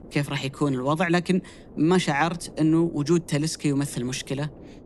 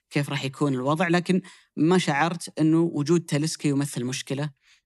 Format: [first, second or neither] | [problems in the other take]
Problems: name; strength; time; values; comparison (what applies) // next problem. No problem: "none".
second | wind noise on the microphone; occasional gusts; 25 dB below the speech